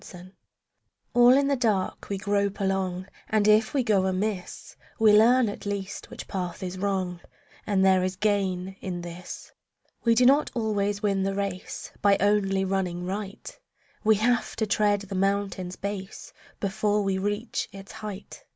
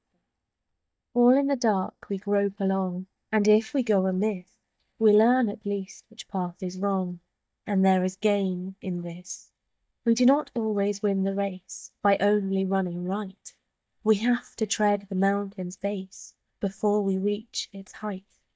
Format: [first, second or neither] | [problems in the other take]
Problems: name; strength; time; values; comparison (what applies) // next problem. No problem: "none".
first | noise reduction (neural mask model DeepFilterNet 3)